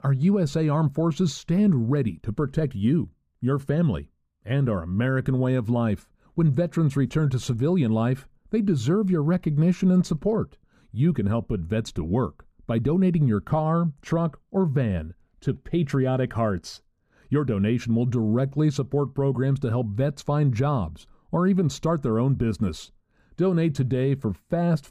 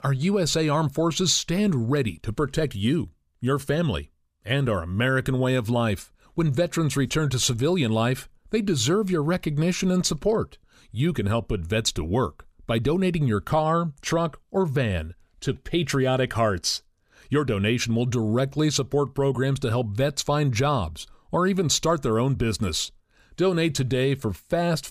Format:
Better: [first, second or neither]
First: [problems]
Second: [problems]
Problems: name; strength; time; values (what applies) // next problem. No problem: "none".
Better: second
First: muffled; slightly; fading above 2 kHz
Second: none